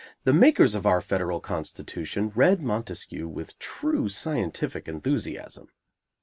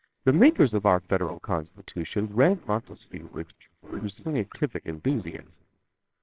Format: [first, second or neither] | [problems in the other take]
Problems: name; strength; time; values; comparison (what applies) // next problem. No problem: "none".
first | noise reduction (neural separator model SepFormer WHAMR!)